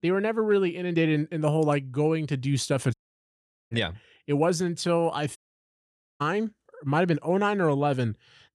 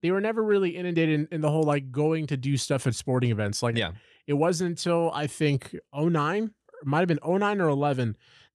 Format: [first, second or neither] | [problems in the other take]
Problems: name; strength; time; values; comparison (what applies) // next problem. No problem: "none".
second | audio cutting out; at 3 s for 1 s and at 5.5 s for 1 s